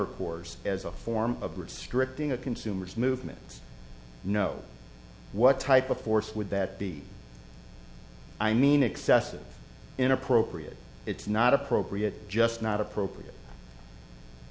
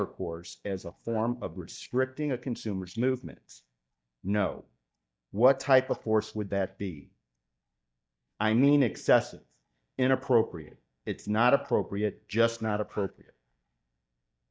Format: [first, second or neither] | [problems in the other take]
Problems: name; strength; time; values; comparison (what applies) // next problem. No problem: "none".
first | noise reduction (neural mask model DeepFilterNet 3)